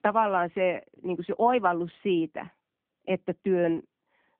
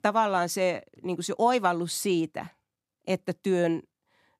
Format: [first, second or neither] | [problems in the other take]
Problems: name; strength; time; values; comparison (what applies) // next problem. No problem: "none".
second | phone-call audio